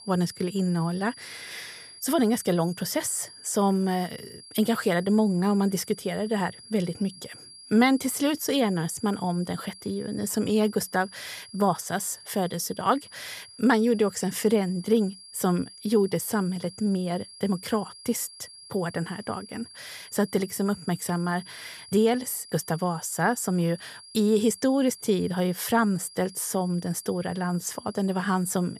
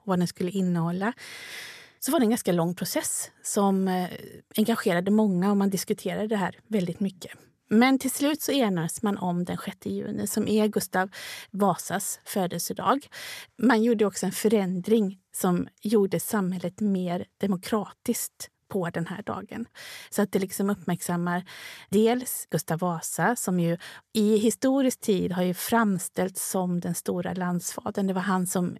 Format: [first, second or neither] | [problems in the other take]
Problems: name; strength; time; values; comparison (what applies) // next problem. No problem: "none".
second | high-pitched whine; noticeable; throughout; 5 kHz, 20 dB below the speech